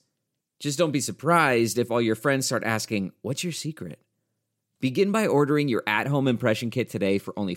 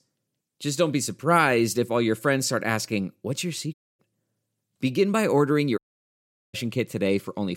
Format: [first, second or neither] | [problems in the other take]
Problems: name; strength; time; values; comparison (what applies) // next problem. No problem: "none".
first | audio cutting out; at 3.5 s and at 6 s for 1 s